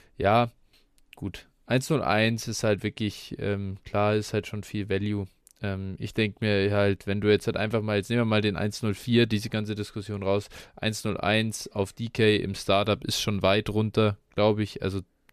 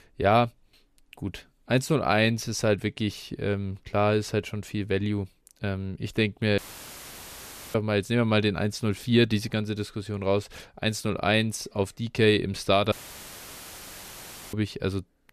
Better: first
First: none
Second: audio cutting out; filled with static; at 6.5 s for 1 s and at 13 s for 1.5 s

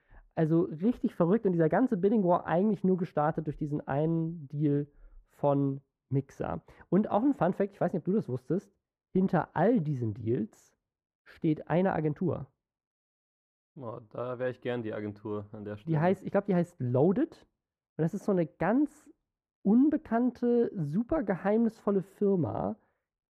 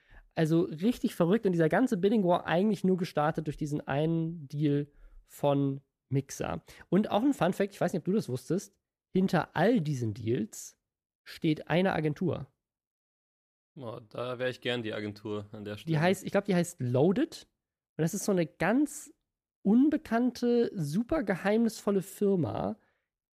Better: second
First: muffled; very; fading above 2.5 kHz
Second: none

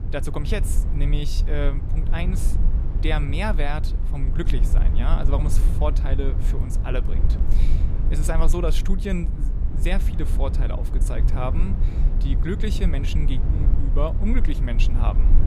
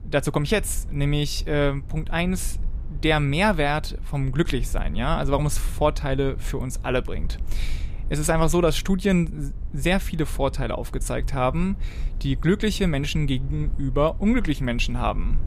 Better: second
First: low rumble; loud; throughout; 8 dB below the speech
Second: low rumble; faint; throughout; 25 dB below the speech

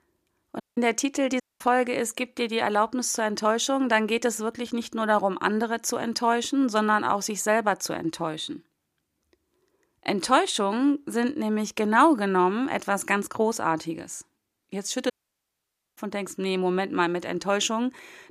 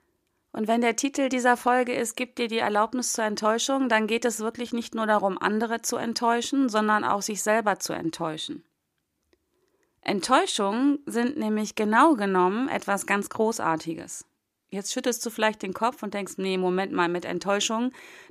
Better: second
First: audio cutting out; at 0.5 s, at 1.5 s and at 15 s for 1 s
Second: none

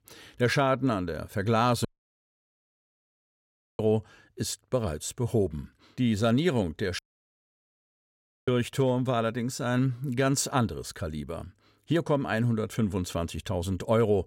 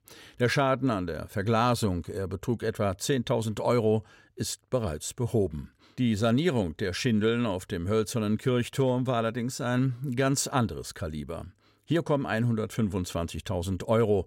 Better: second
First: audio cutting out; at 2 s for 2 s and at 7 s for 1.5 s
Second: none

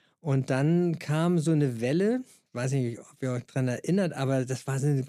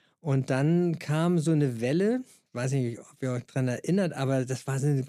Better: neither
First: none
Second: none

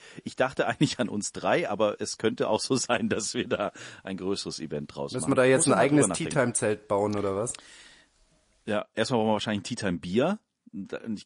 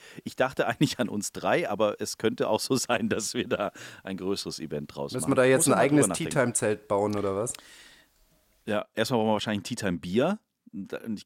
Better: second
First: garbled, watery; slightly; nothing above 10 kHz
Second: none

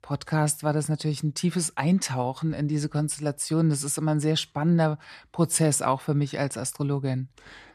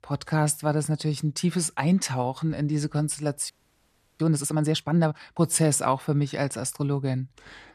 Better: first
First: none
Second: audio freezing; at 3.5 s for 0.5 s

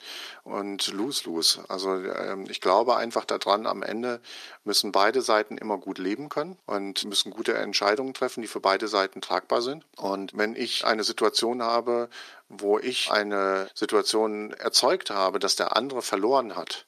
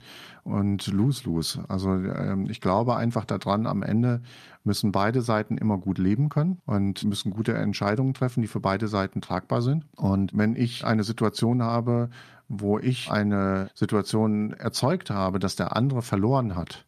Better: second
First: thin; very; fading below 350 Hz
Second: none

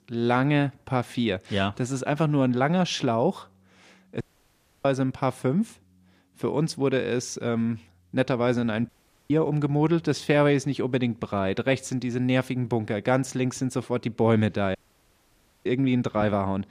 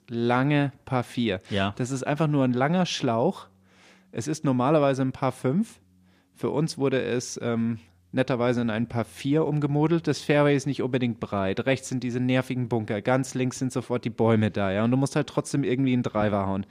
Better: second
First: audio cutting out; at 4 s for 0.5 s, at 9 s and at 15 s for 1 s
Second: none

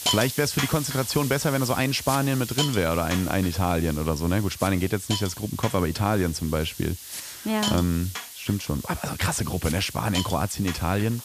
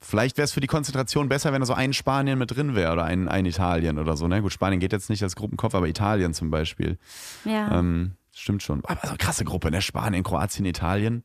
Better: second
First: hiss; loud; throughout; 8 dB below the speech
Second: none

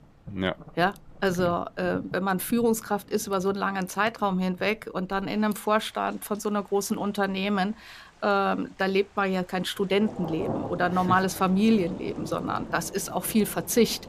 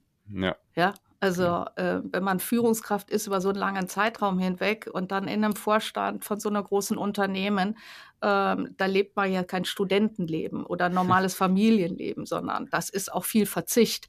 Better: second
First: rain or running water; noticeable; throughout; 15 dB below the speech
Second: none

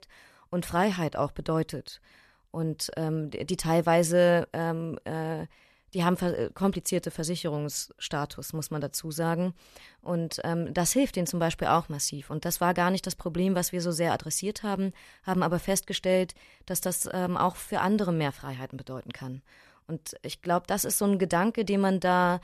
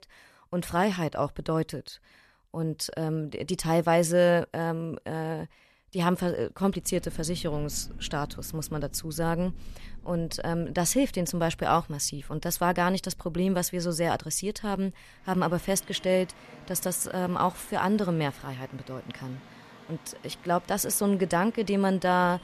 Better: first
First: none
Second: traffic noise; faint; from 7 s on; 20 dB below the speech

